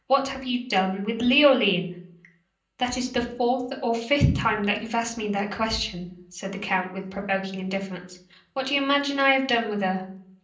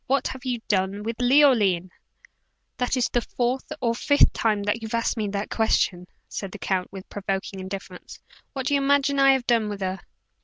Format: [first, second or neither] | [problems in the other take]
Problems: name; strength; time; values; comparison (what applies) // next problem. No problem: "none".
second | room echo; dies away in 0.6 s